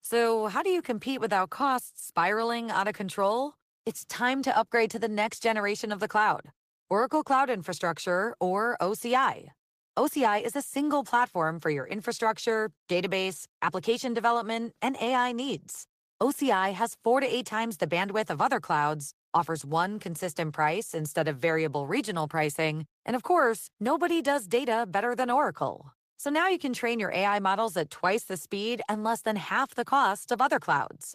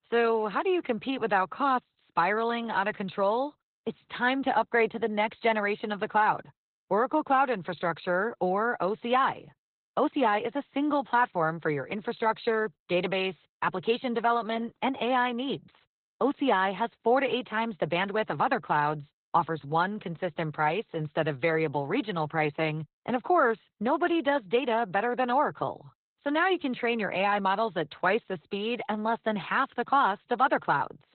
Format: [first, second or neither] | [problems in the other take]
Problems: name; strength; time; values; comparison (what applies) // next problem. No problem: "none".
first | garbled, watery; badly; nothing above 4 kHz; slightly in the first